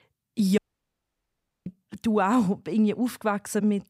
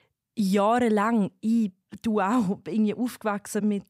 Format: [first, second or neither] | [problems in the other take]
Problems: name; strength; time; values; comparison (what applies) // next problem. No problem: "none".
second | audio cutting out; at 0.5 s for 1 s